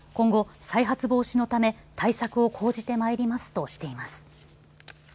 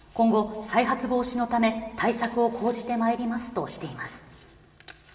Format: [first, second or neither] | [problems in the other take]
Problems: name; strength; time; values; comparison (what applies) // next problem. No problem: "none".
first | room echo; dies away in 1.6 s